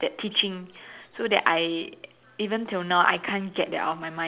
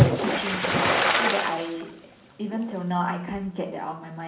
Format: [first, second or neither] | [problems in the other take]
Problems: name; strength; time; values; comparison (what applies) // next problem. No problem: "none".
first | background sound (Splash, splatter); 4 dB above the speech // room echo; dies away in 0.6 s